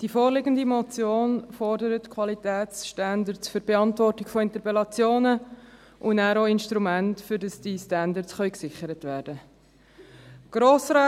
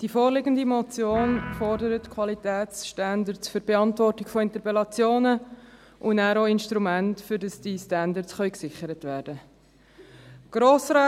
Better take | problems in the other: first | background sound (Guitar); 14 dB below the speech

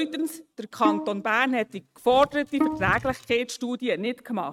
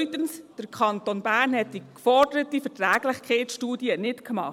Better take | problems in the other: second | noise reduction (neural mask model RNNoise)

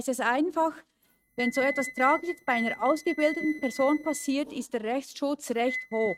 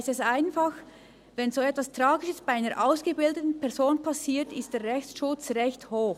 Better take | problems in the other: second | noise reduction (neural mask model RNNoise)

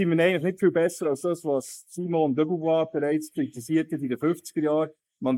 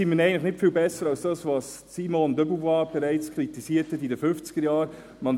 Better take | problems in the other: second | noise reduction (neural mask model Resemble Enhance denoiser)

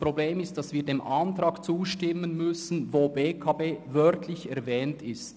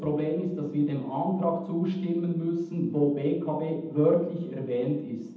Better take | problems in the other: first | room echo; dies away in 0.8 s

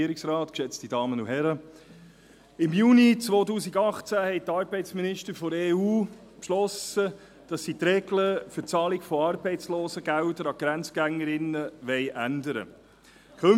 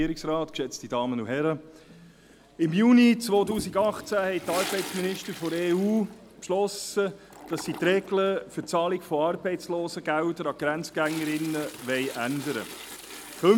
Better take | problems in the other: first | background sound (Toilet flush); 16 dB below the speech

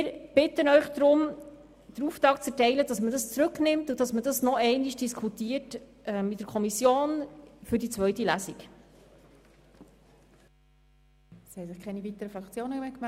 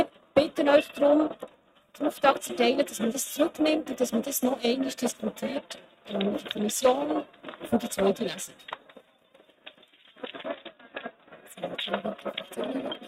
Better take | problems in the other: first | noise reduction (neural mask model RNNoise)

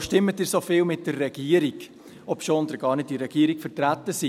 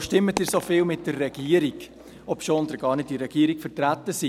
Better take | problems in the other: first | background sound (Coin (dropping)); 16 dB below the speech

